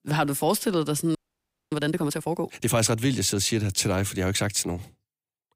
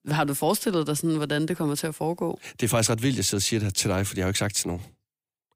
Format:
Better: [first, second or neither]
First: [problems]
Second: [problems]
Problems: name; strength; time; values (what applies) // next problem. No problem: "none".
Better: second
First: audio freezing; at 1 s for 0.5 s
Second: none